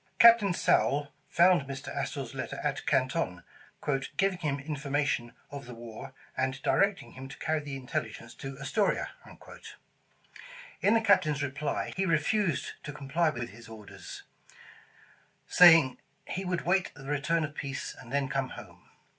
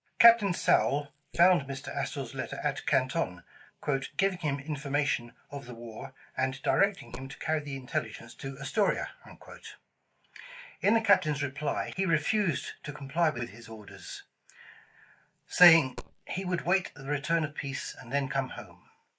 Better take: first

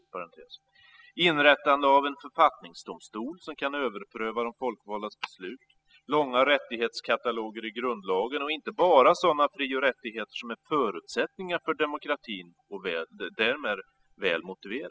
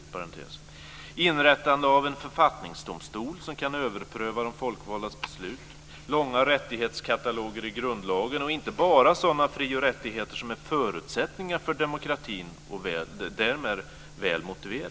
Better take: second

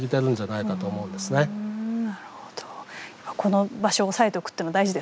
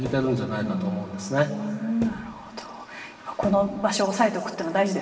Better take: first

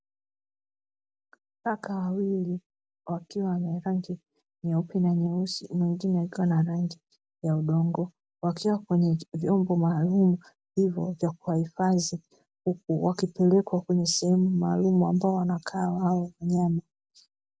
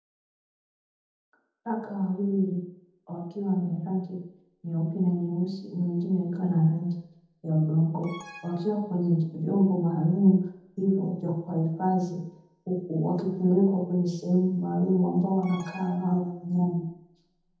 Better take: first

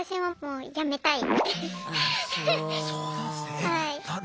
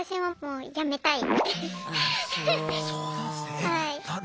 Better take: first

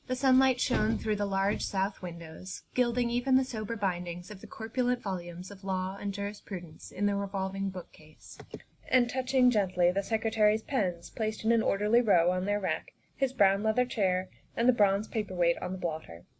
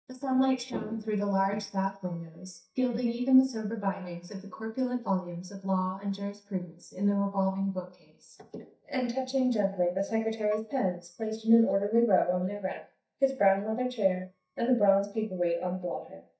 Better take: first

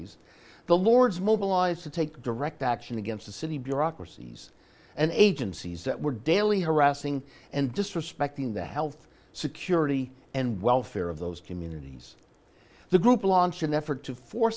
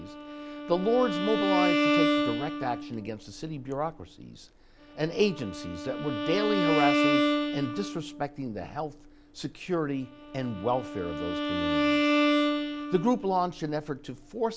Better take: first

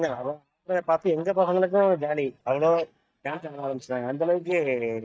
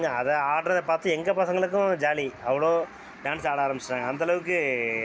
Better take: second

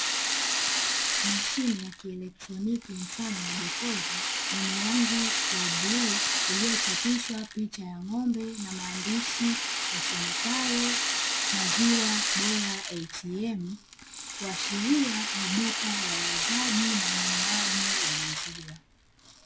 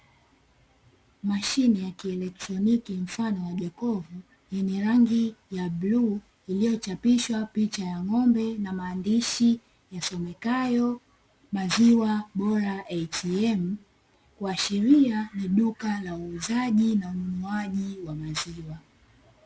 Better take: second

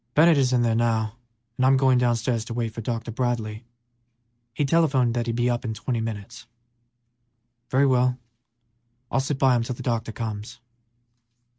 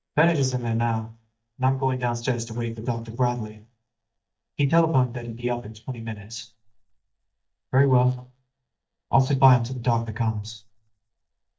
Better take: first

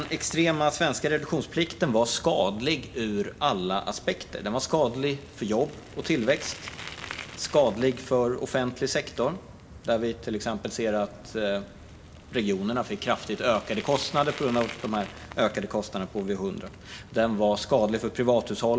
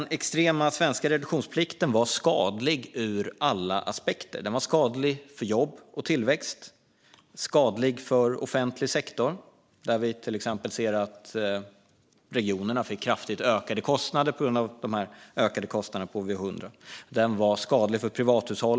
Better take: second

